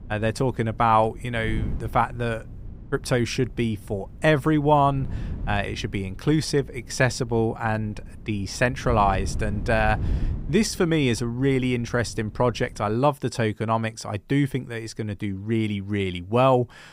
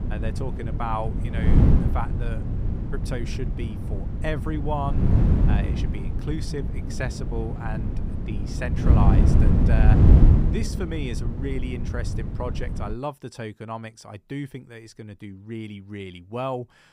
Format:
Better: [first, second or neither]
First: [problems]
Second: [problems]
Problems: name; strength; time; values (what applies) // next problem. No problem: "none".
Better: first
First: wind noise on the microphone; occasional gusts; until 13 s; 25 dB below the speech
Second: wind noise on the microphone; heavy; until 13 s; 1 dB below the speech